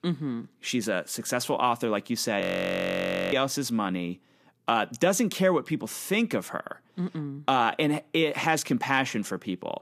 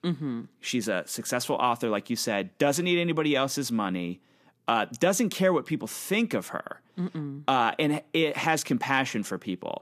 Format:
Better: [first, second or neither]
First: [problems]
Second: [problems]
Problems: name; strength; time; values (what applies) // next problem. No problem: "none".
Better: second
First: audio freezing; at 2.5 s for 1 s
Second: none